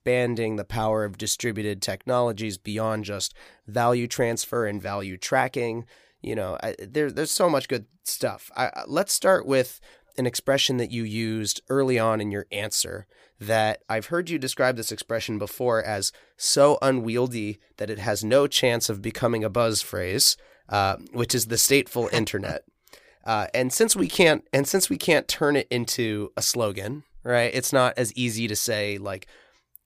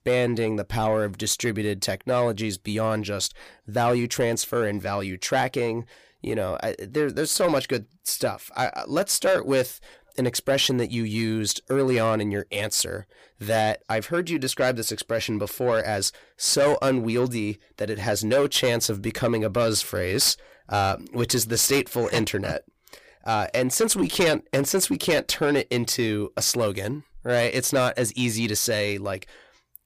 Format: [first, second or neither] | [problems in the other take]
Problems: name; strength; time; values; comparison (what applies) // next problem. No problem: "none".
first | distortion; slight; 10 dB below the speech